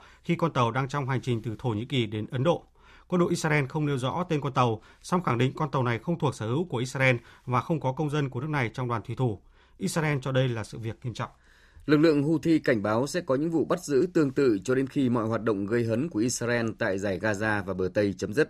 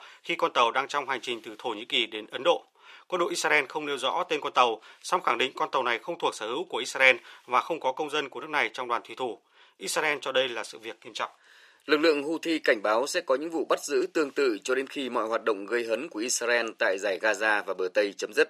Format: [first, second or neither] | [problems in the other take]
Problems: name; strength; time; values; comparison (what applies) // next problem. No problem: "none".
first | thin; very; fading below 450 Hz